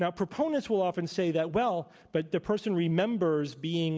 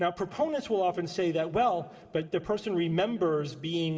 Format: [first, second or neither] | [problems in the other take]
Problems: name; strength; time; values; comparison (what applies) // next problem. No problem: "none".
first | room echo; dies away in 2.5 s